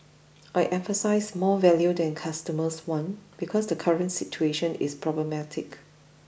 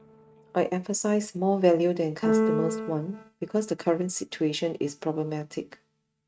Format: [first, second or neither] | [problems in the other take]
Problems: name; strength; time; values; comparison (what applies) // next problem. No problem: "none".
first | noise reduction (neural mask model RNNoise)